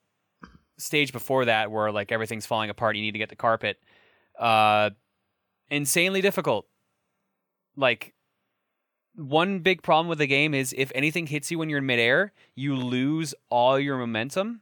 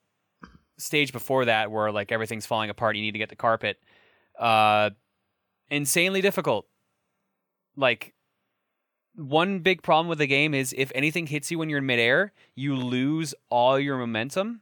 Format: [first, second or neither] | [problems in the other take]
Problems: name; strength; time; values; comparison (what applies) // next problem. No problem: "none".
neither | none